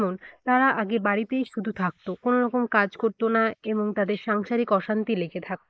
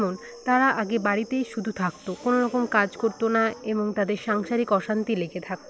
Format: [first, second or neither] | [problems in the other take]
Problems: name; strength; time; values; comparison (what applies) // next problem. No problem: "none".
second | noise reduction (neural mask model Resemble Enhance denoiser)